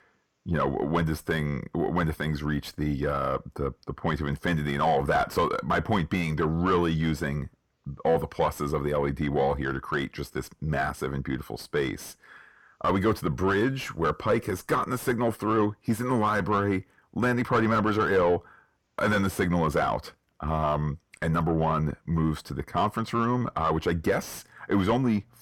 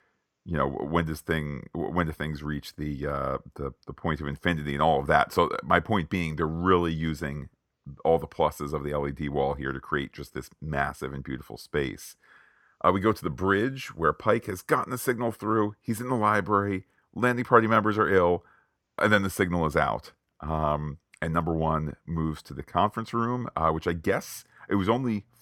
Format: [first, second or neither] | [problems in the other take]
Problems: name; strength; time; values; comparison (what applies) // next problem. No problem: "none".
second | distortion; heavy; 7 dB below the speech